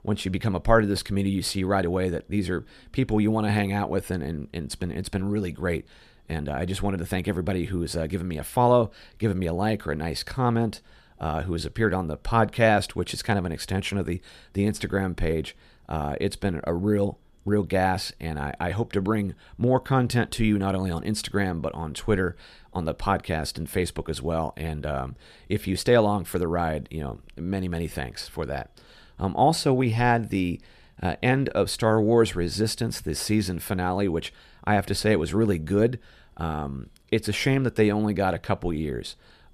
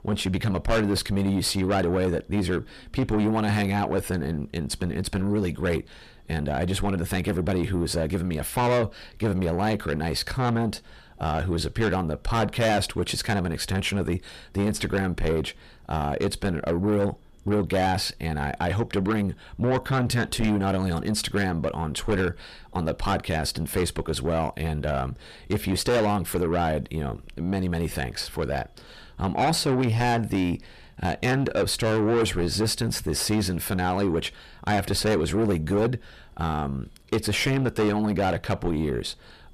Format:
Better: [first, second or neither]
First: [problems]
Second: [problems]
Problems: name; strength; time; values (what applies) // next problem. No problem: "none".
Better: first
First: none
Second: distortion; heavy; 7 dB below the speech